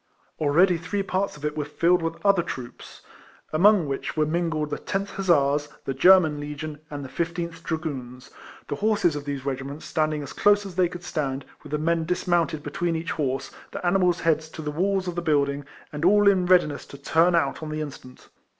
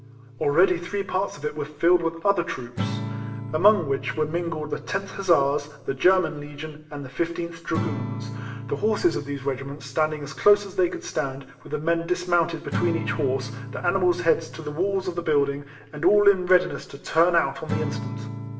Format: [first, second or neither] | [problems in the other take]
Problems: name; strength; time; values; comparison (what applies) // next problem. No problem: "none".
first | background sound (Acoustic guitar / Strum); 11 dB below the speech // room echo; dies away in 1.4 s